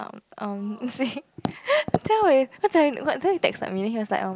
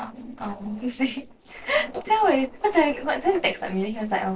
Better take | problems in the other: first | noise reduction (neural separator model SepFormer DNS4)

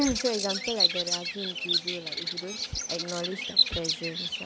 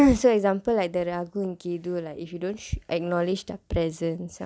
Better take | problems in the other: second | background sound (Bird vocalization, bird call, bird song); 4 dB above the speech

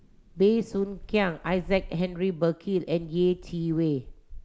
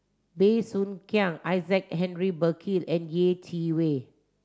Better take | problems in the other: second | background sound (Thunder / Rain); 17 dB below the speech

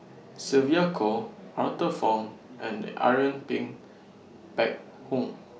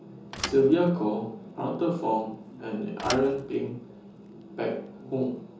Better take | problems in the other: first | background sound (Thump, thud); 15 dB below the speech // room echo; dies away in 0.6 s

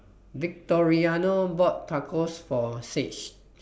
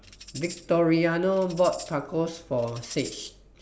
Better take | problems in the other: first | background sound (Tambourine); 18 dB below the speech

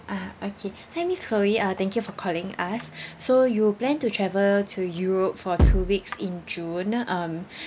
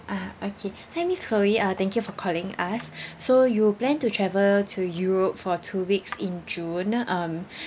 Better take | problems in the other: second | background sound (Bass drum); 4 dB above the speech

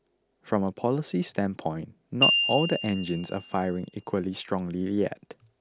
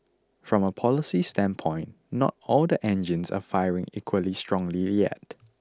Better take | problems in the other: second | background sound (Glockenspiel); 2 dB below the speech

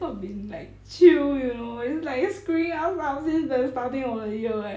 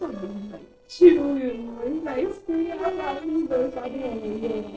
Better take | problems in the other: first | noise reduction (neural separator model SepFormer DNS4)

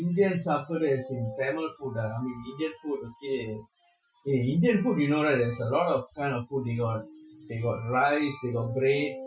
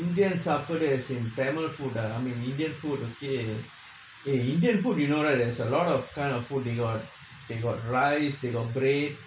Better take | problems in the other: second | noise reduction (classical method Wiener filter)

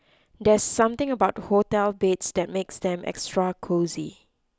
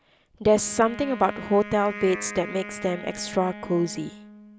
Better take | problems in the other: first | background sound (Wind instrument, woodwind instrument); 13 dB below the speech

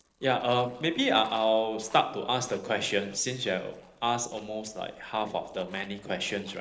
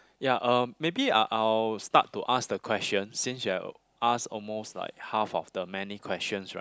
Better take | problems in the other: second | noise reduction (neural separator model SepFormer DNS4)

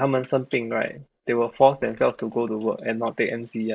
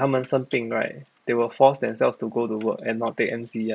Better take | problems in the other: second | noise reduction (neural mask model Resemble Enhance denoiser)

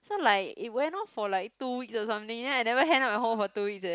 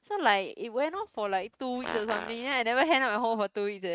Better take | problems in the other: first | noise reduction (neural mask model RNNoise)

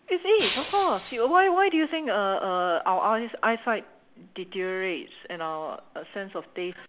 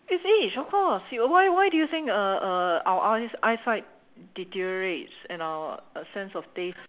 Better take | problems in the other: second | background sound (Shatter); 8 dB below the speech

